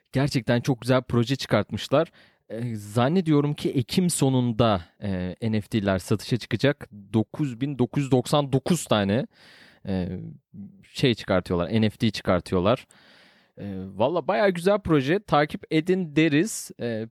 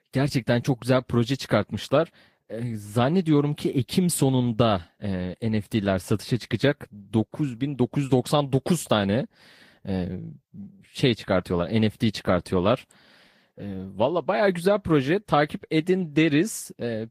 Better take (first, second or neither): first